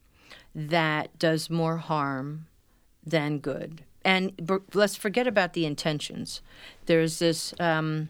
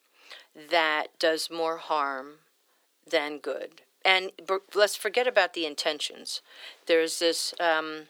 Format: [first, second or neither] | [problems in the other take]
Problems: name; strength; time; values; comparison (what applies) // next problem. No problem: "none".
first | thin; very; fading below 400 Hz